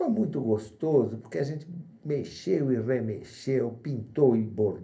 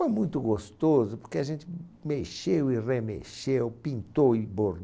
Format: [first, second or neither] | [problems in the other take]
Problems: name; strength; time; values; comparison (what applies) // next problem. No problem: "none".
second | room echo; dies away in 0.3 s